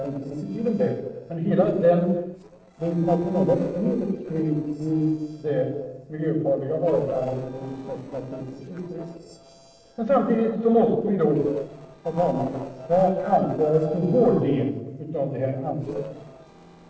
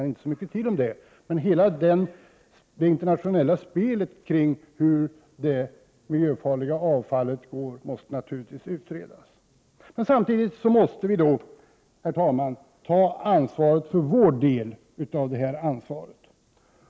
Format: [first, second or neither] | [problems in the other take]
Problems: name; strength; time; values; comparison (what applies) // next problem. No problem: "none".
second | noise reduction (neural separator model SepFormer DNS4)